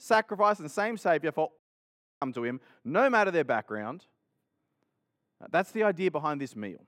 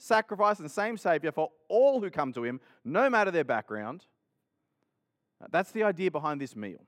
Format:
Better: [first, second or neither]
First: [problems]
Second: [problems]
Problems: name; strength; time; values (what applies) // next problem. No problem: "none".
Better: second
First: audio cutting out; at 1.5 s for 0.5 s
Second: none